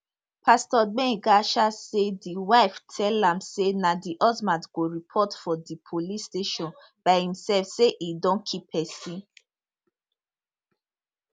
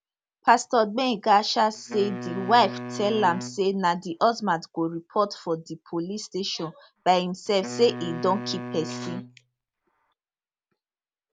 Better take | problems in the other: first | background sound (Wind instrument, woodwind instrument); 11 dB below the speech

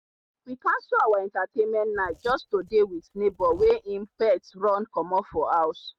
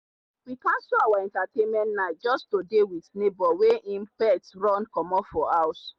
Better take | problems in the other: second | noise reduction (neural mask model RNNoise)

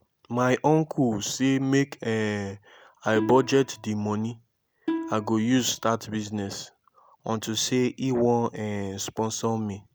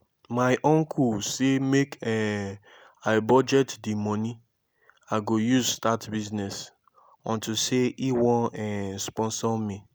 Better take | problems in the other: second | background sound (Plucked string instrument); 8 dB below the speech

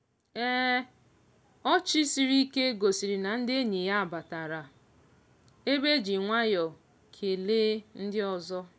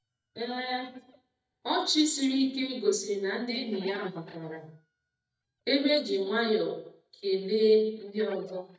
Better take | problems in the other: first | noise reduction (neural mask model DeepFilterNet 3)

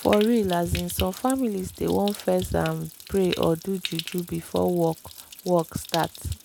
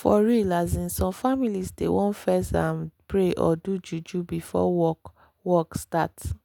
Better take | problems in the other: second | background sound (Stream); 14 dB below the speech

